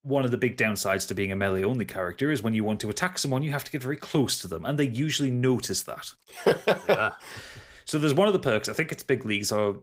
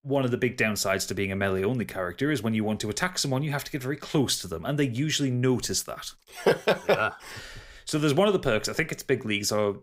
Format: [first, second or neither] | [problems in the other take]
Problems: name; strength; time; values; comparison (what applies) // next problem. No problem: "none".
second | garbled, watery; slightly; nothing above 15.5 kHz